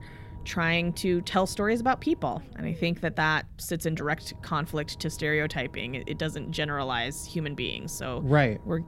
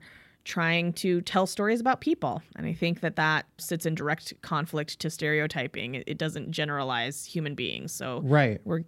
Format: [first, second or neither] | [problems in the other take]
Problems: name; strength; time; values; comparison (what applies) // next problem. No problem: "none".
second | low rumble; faint; throughout; 25 dB below the speech